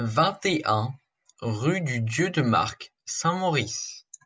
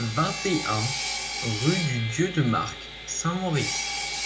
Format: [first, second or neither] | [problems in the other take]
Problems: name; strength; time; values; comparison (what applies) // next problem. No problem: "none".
first | background sound (Sawing); 5 dB below the speech // room echo; dies away in 0.3 s